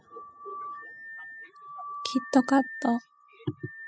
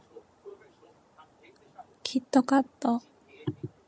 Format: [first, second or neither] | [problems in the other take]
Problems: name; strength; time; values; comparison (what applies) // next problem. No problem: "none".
second | noise reduction (classical method spectral subtraction)